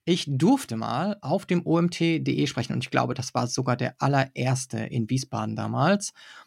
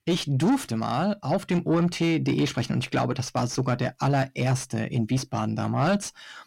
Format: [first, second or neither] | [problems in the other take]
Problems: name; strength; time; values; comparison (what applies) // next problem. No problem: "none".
first | distortion; slight; 10 dB below the speech